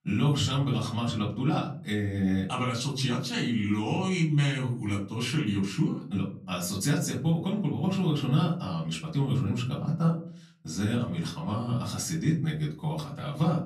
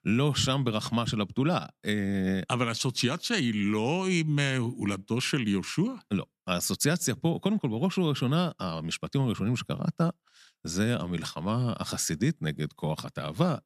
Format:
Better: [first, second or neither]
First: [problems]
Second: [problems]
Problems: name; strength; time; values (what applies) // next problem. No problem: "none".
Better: second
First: off-mic speech; far // room echo; slight; dies away in 0.5 s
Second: none